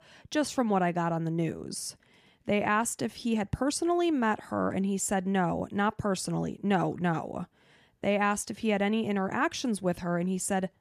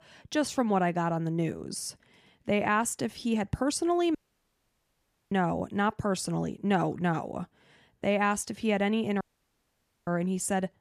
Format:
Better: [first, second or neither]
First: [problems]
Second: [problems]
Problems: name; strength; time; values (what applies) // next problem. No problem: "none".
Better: first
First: none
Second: audio cutting out; at 4 s for 1 s and at 9 s for 1 s